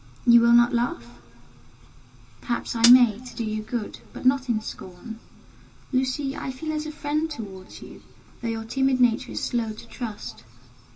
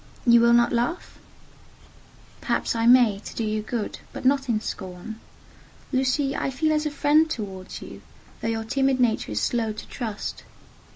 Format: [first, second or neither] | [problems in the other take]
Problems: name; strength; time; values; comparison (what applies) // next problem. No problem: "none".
second | background sound (Hi-hat); 6 dB below the speech // room echo; dies away in 2.7 s